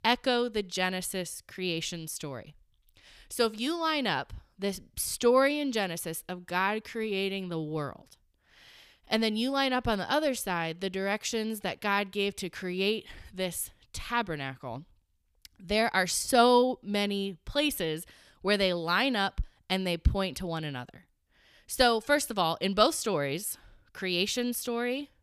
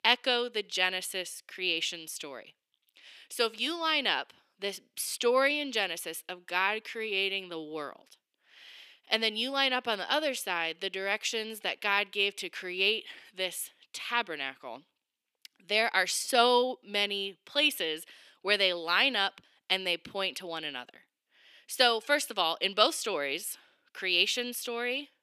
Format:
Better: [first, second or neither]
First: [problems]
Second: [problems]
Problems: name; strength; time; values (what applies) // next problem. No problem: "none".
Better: first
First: none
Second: thin; somewhat; fading below 300 Hz